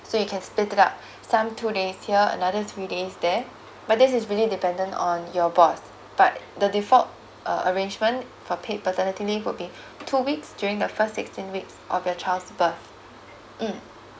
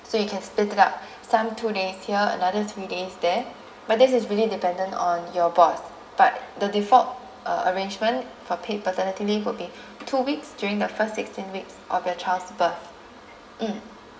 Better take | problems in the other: first | room echo; dies away in 1.3 s

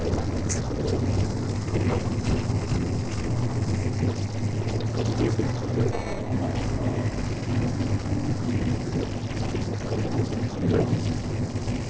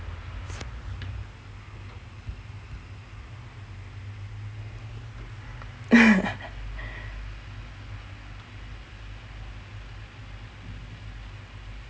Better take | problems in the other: second | noise reduction (neural separator model SepFormer DNS4)

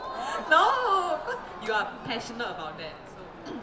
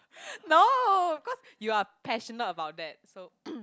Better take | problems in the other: second | background sound (Crowd); 10 dB below the speech // room echo; dies away in 0.7 s

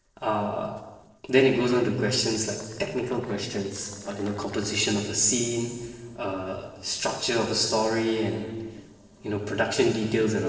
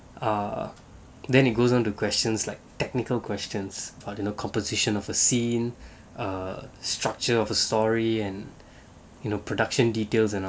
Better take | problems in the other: second | noise reduction (neural separator model SepFormer DNS4)

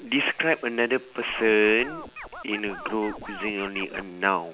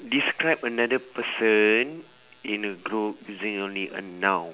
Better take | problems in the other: second | background sound (Scratching (performance technique)); 14 dB below the speech

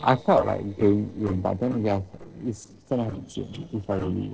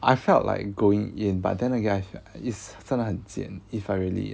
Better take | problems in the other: second | noise reduction (neural separator model SepFormer DNS4)

